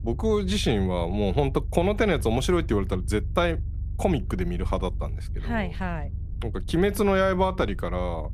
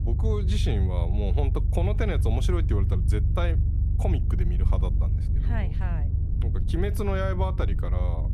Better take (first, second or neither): first